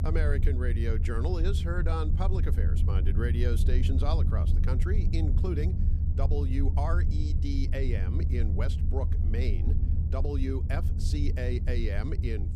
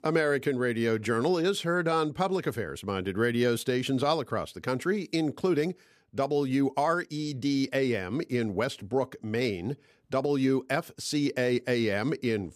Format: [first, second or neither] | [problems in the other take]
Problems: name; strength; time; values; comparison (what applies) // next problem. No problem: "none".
second | low rumble; loud; throughout; 6 dB below the speech